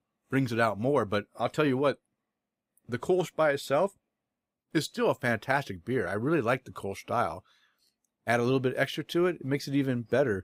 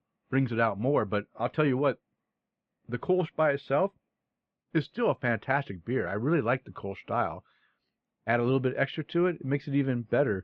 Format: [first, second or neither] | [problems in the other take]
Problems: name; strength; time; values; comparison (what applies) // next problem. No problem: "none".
first | muffled; very; fading above 3 kHz